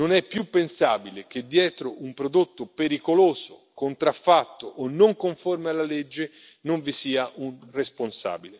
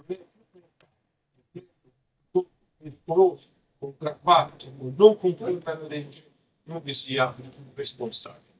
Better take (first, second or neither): first